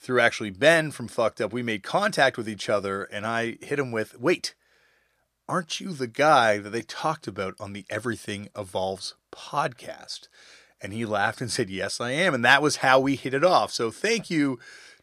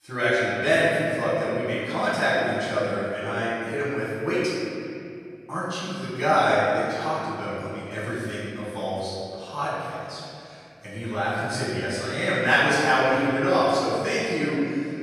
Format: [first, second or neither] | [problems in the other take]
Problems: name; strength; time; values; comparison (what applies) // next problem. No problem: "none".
first | off-mic speech; far // room echo; strong; dies away in 2.5 s